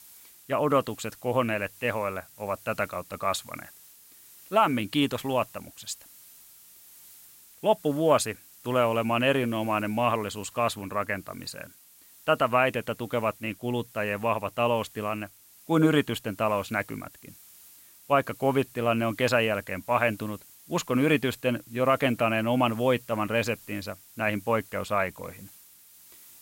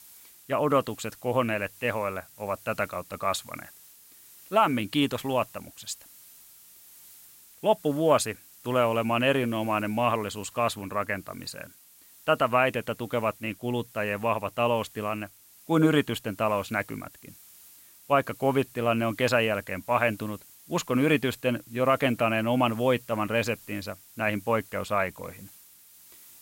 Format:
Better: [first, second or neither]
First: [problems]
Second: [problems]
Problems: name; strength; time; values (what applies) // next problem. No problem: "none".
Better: neither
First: hiss; faint; throughout; 20 dB below the speech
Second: hiss; faint; throughout; 20 dB below the speech